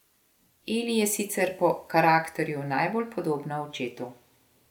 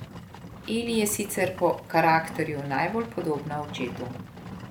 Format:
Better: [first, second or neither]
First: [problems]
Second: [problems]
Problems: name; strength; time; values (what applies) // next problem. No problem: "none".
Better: first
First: none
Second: background sound (Livestock, farm animals, working animals); 12 dB below the speech